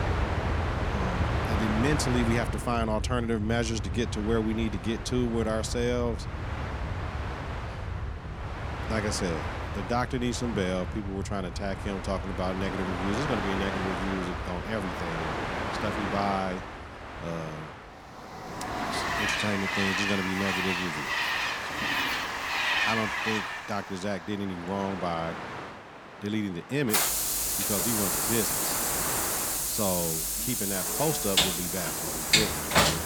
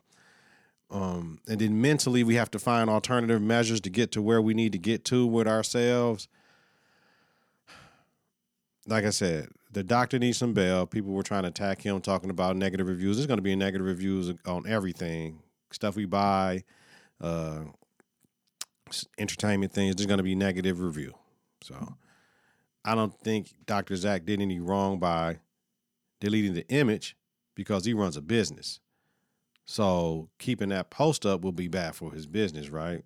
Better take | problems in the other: second | train or aircraft noise; very loud; throughout; 2 dB above the speech

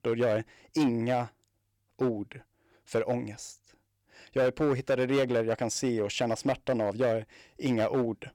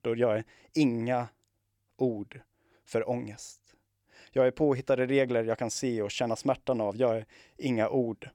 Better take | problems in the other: second | distortion; slight; 6% of the sound clipped

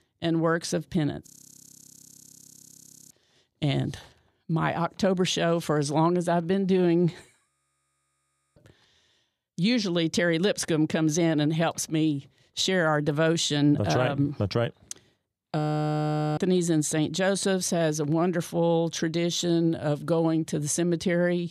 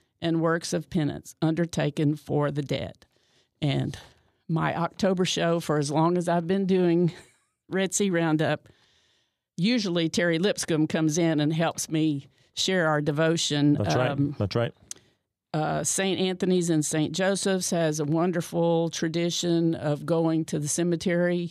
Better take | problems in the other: second | audio freezing; at 1.5 s for 2 s, at 7.5 s for 1 s and at 16 s for 1 s

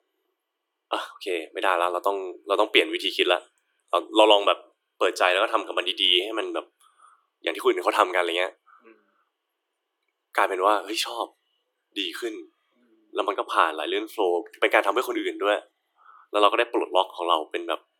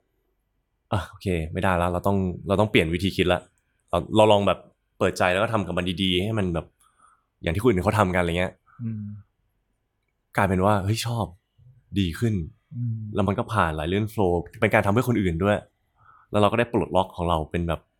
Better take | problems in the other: second | thin; very; fading below 300 Hz

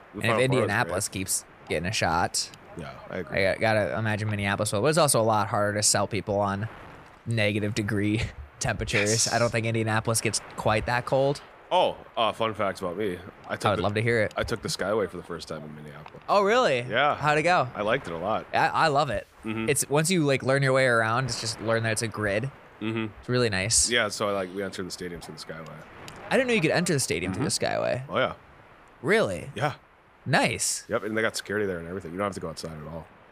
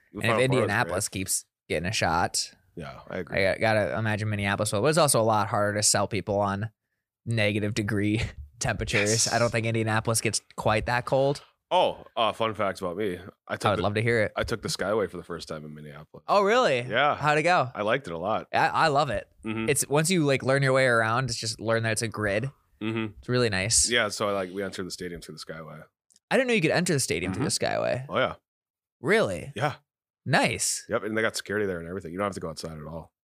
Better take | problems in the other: second | wind noise on the microphone; occasional gusts; 20 dB below the speech

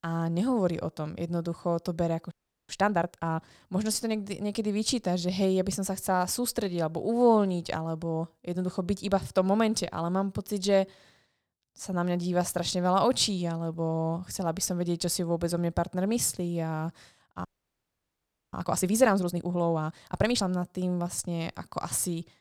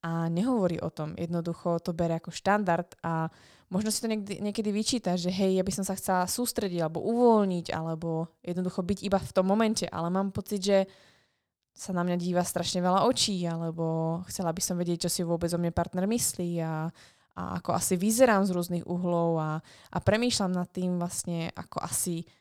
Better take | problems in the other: second | audio freezing; at 2.5 s and at 17 s for 1 s

